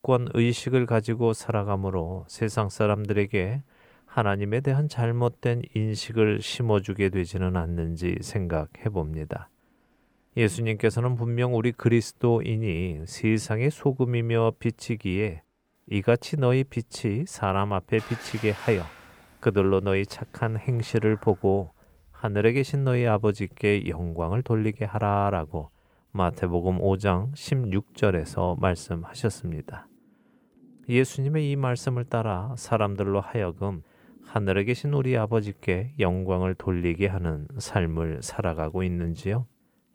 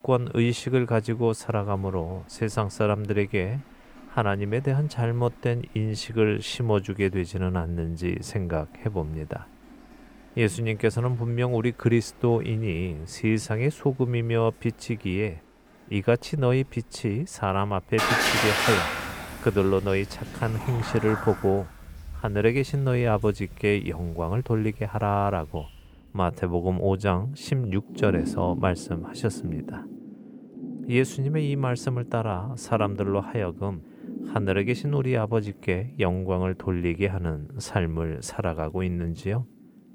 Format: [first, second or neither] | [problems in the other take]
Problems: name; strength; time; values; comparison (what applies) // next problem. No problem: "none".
first | rain or running water; loud; throughout; 5 dB below the speech; faint in the first